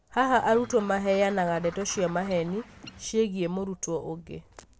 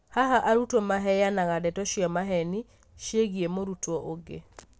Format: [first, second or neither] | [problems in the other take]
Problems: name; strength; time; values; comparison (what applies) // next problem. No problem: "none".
second | background sound (Bird); 18 dB below the speech